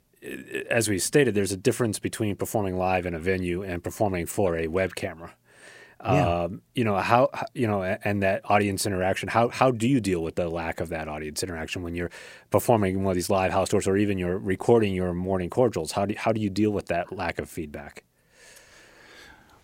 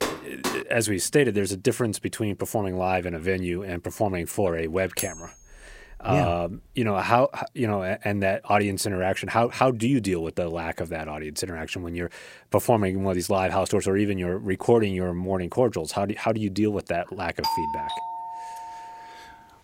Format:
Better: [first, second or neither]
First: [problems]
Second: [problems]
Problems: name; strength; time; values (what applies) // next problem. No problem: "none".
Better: first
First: none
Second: door banging; noticeable; at the start; peak 5 dB below the speech // clattering dishes; noticeable; from 5 to 6 s; peak 6 dB below the speech // doorbell; noticeable; from 17 to 19 s; peak 1 dB below the speech